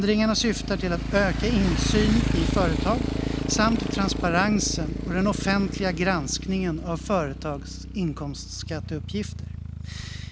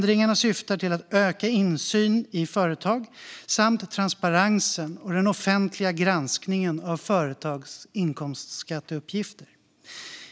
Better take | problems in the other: second | background sound (Motorcycle); 3 dB below the speech

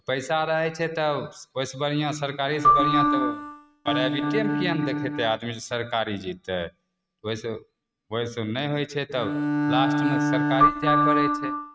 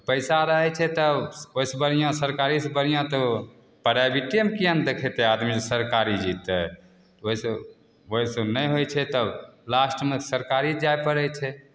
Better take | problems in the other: second | noise reduction (neural mask model RNNoise)

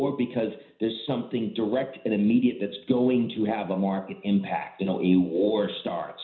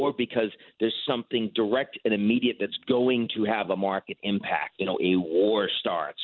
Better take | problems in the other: second | room echo; dies away in 0.5 s

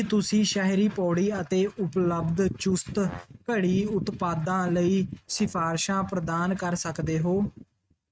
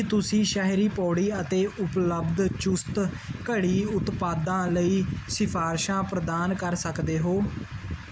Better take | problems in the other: second | noise reduction (neural mask model RNNoise)

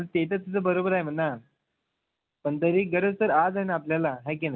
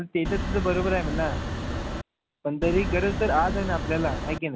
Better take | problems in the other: first | background sound (Wind); 2 dB below the speech

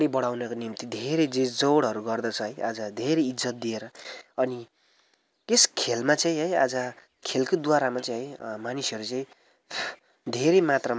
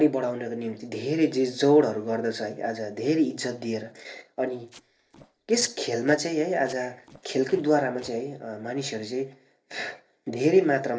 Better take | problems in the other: first | noise reduction (neural separator model SepFormer DNS4)

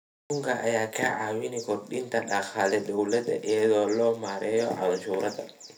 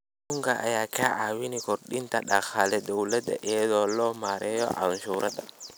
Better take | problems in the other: second | room echo; dies away in 0.3 s

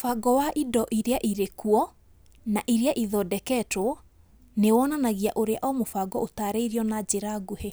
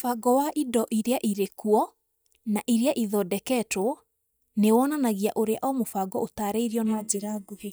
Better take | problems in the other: first | noise reduction (neural mask model DeepFilterNet 3)

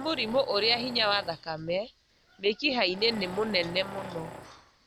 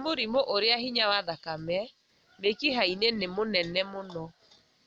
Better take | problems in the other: second | background sound (Tools); 15 dB below the speech

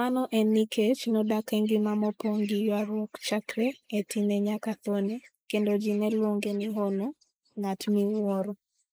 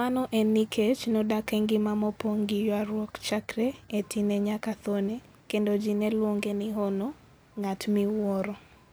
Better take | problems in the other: second | noise reduction (neural mask model Resemble Enhance denoiser)

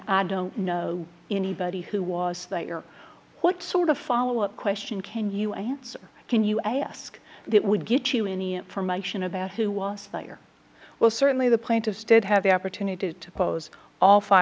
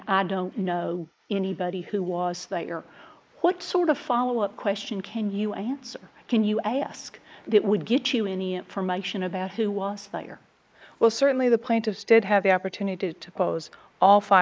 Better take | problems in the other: first | noise reduction (neural mask model Resemble Enhance denoiser)

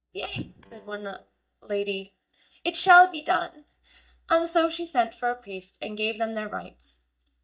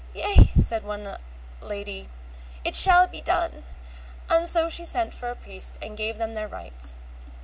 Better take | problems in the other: second | noise reduction (neural mask model DeepFilterNet 3)

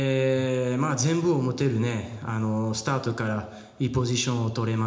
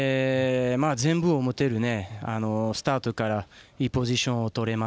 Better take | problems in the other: second | room echo; dies away in 0.8 s

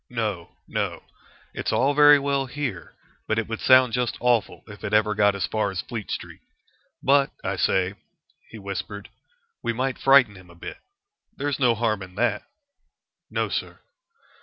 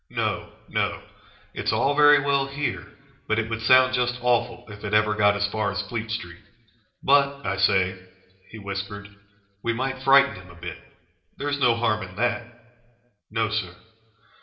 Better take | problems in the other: first | room echo; dies away in 0.8 s

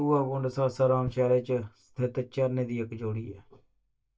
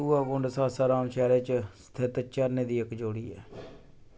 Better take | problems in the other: second | noise reduction (neural mask model DeepFilterNet 3)

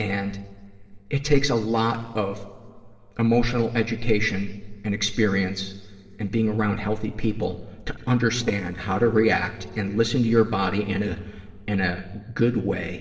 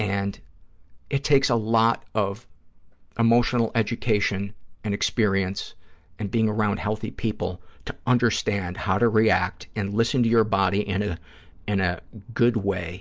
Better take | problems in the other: second | noise reduction (neural separator model SepFormer DNS4)

